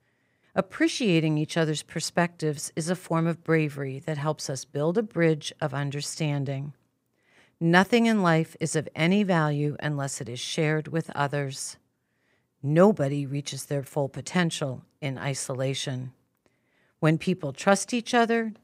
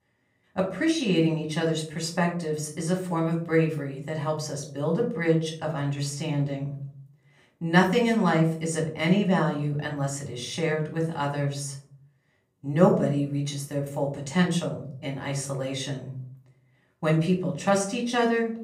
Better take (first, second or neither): first